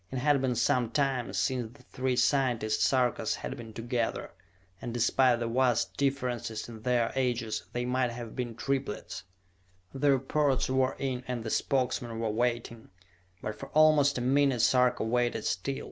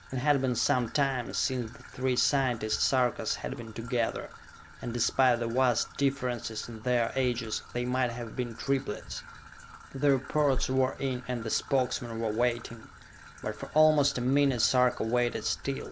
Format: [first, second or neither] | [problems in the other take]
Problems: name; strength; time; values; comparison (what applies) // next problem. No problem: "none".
first | background sound (Trickle, dribble / Traffic noise, roadway noise); 18 dB below the speech